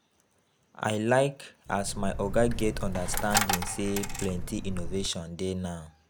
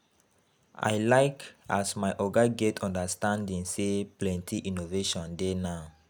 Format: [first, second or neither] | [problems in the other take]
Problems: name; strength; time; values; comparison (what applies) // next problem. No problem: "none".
second | background sound (Coin (dropping)); 1 dB below the speech